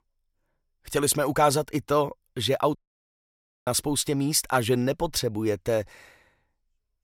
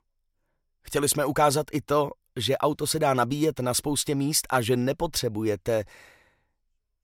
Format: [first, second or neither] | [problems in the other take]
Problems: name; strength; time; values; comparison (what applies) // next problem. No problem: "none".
second | audio cutting out; at 3 s for 1 s